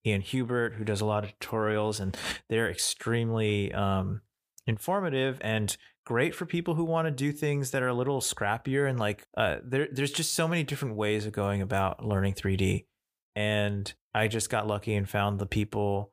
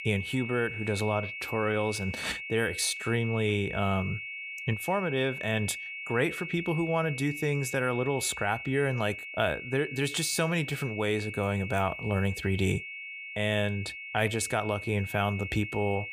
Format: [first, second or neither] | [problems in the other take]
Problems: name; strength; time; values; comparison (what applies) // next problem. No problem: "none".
first | high-pitched whine; loud; throughout; 2 kHz, 7 dB below the speech